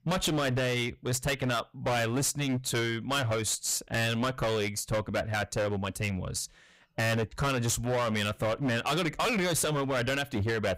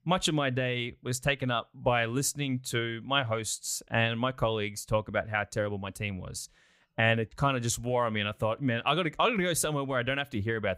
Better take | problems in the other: second | distortion; heavy; 23% of the sound clipped

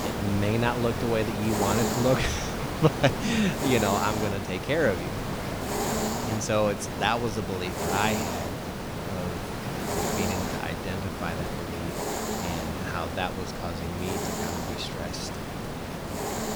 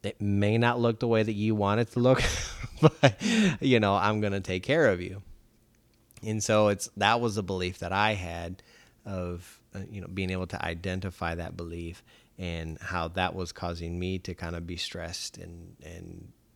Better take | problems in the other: second | hiss; loud; throughout; 2 dB below the speech

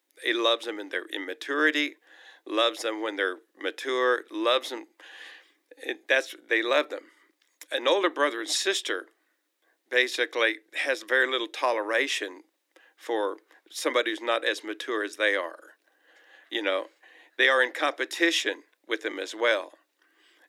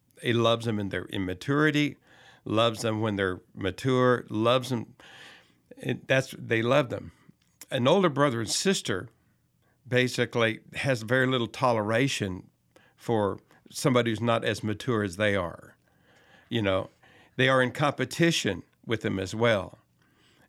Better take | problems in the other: second | thin; very; fading below 300 Hz

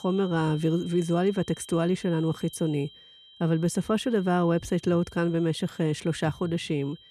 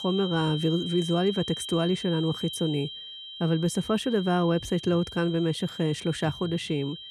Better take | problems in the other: first | high-pitched whine; loud; throughout; 3 kHz, 9 dB below the speech; faint in the first

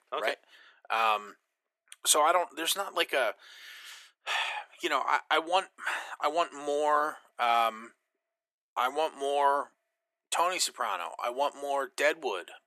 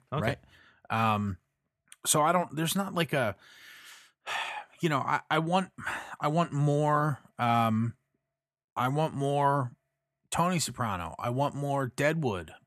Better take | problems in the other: second | thin; very; fading below 350 Hz

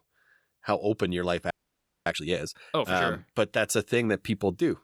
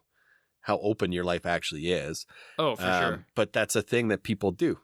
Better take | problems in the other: second | audio freezing; at 1.5 s for 0.5 s

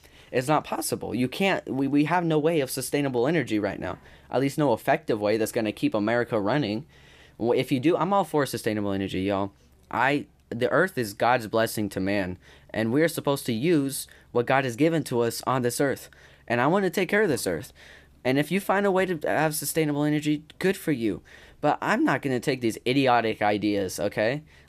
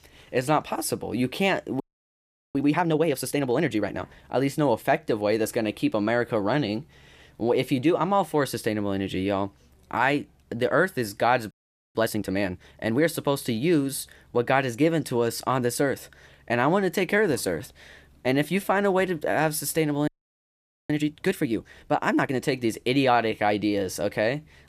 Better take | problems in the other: first | audio freezing; at 2 s for 0.5 s, at 12 s and at 20 s for 1 s

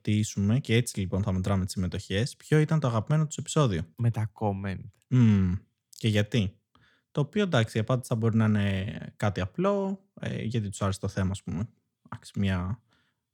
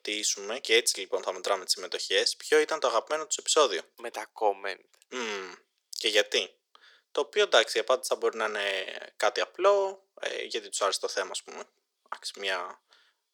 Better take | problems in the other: first | thin; very; fading below 400 Hz

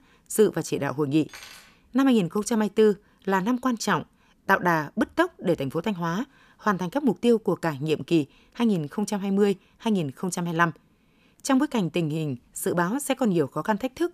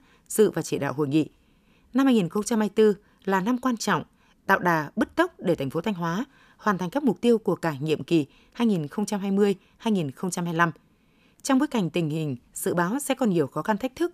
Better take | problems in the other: second | clattering dishes; faint; at 1.5 s; peak 15 dB below the speech

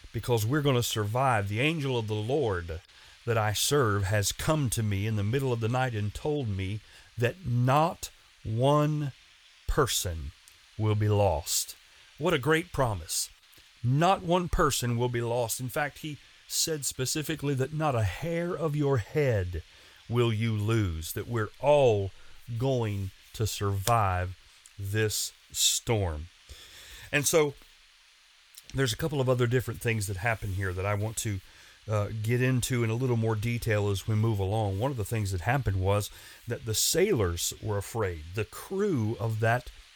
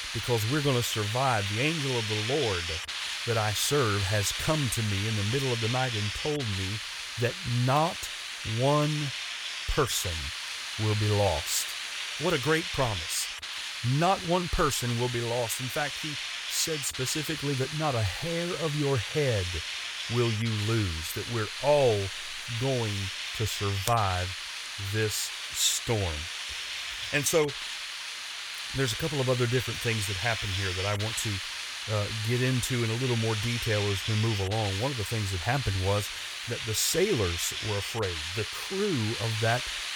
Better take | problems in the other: first | hiss; loud; throughout; 4 dB below the speech; faint in the first

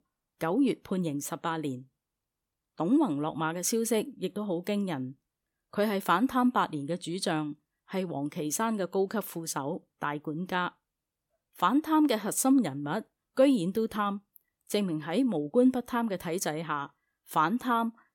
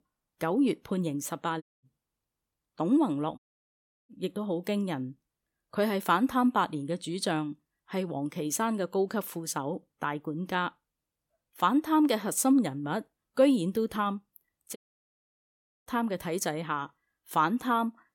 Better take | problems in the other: first | audio cutting out; at 1.5 s, at 3.5 s for 0.5 s and at 15 s for 1 s

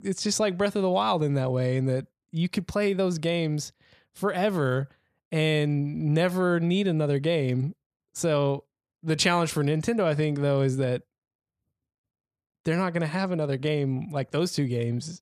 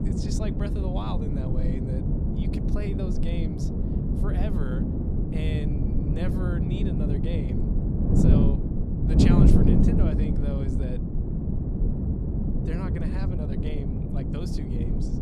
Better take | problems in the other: first | wind noise on the microphone; heavy; 5 dB above the speech

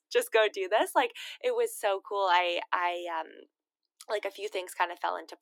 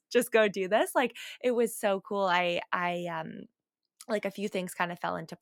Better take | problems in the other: second | thin; very; fading below 300 Hz

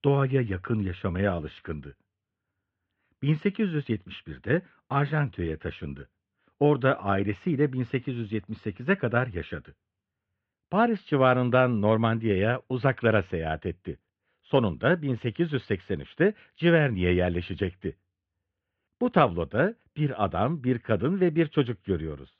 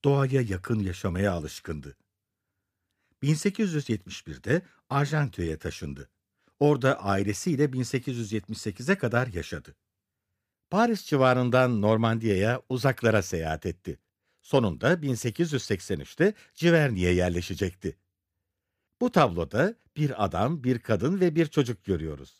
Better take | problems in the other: second | muffled; very; fading above 3 kHz

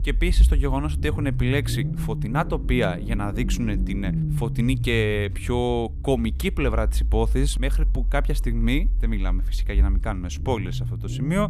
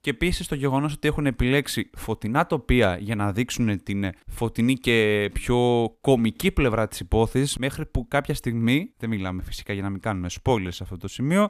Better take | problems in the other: second | low rumble; noticeable; throughout; 15 dB below the speech

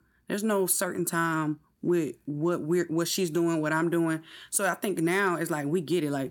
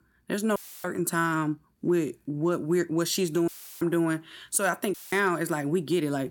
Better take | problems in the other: first | audio cutting out; filled with static; at 0.5 s, at 3.5 s and at 5 s

